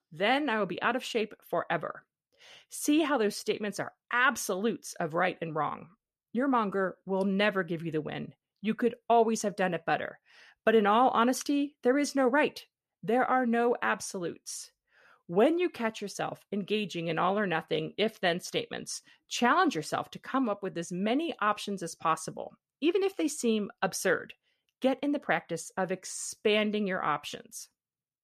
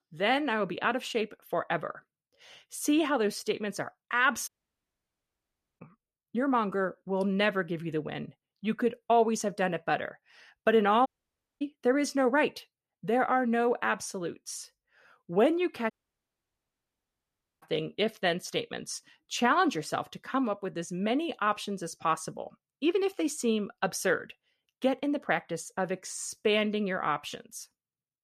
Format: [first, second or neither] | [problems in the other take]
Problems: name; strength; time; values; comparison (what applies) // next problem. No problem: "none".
first | audio cutting out; at 4.5 s for 1.5 s, at 11 s for 0.5 s and at 16 s for 1.5 s